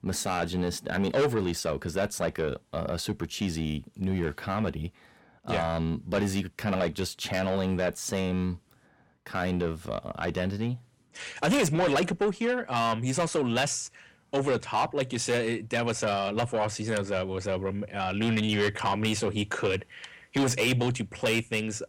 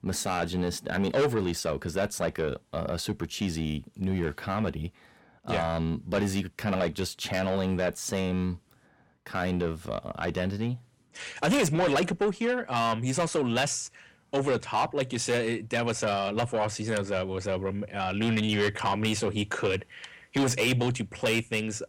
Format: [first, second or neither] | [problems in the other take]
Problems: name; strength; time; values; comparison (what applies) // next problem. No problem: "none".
neither | distortion; heavy; 7 dB below the speech; the same in both